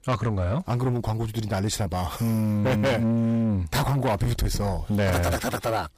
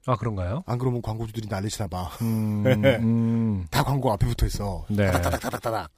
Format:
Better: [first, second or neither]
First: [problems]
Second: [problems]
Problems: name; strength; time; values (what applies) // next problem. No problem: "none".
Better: second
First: distortion; heavy; 7 dB below the speech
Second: none